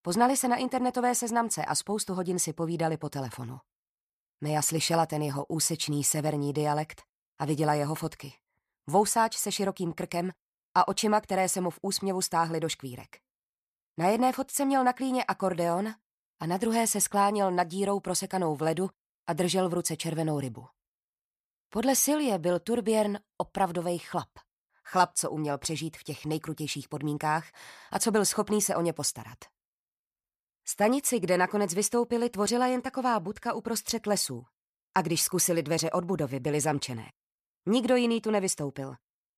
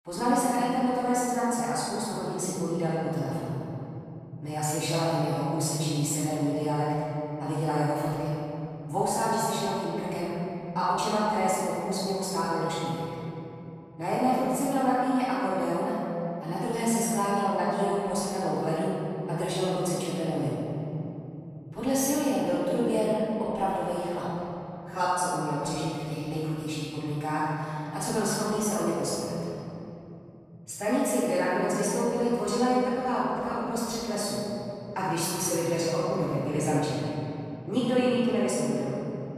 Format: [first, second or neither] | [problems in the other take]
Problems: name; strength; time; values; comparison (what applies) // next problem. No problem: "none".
first | off-mic speech; far // room echo; strong; dies away in 3 s